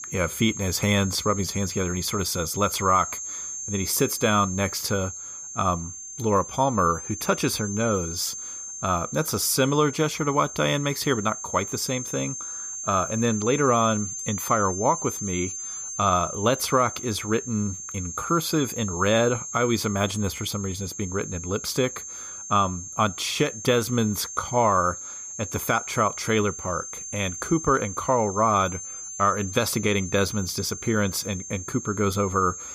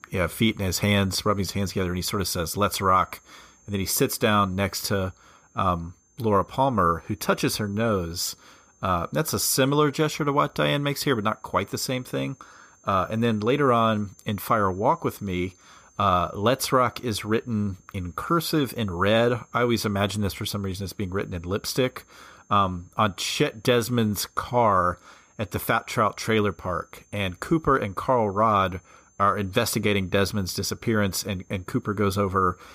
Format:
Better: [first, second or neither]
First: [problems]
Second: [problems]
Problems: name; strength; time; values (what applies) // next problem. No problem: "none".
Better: second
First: high-pitched whine; loud; throughout; 6.5 kHz, 8 dB below the speech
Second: high-pitched whine; faint; throughout; 6.5 kHz, 35 dB below the speech